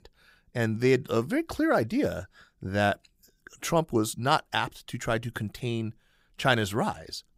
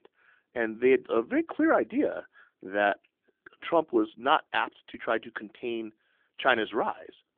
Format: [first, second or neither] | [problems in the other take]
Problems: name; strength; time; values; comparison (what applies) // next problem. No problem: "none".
first | phone-call audio; nothing above 3.5 kHz